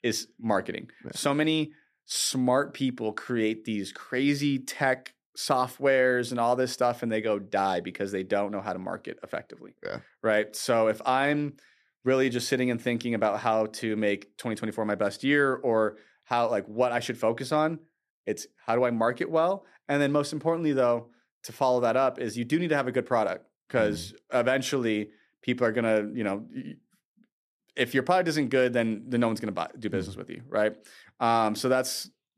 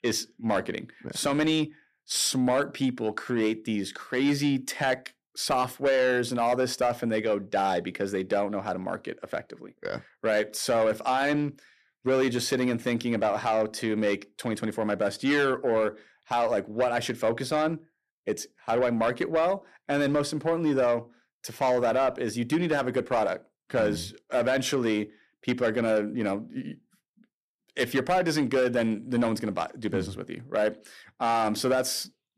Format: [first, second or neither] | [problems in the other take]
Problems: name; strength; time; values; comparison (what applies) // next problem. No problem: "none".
first | distortion; slight; 10 dB below the speech